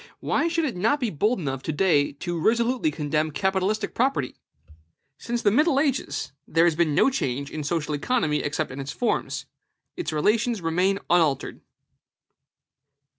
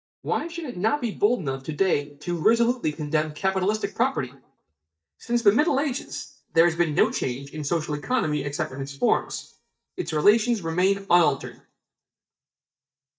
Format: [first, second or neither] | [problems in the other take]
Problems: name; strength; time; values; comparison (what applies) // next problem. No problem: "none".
first | noise reduction (neural mask model DeepFilterNet 3)